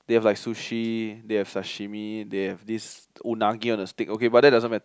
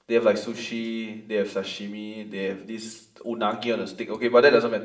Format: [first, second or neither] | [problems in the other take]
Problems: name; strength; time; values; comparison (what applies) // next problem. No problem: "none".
first | room echo; dies away in 0.6 s